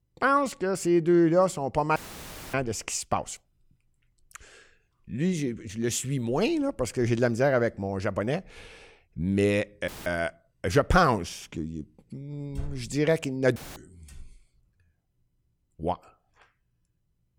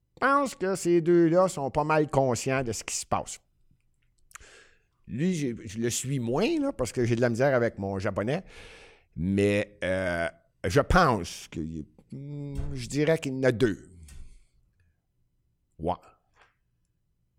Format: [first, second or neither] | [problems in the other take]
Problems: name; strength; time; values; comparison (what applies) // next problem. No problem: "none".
second | audio cutting out; filled with static; at 2 s for 0.5 s, at 10 s and at 14 s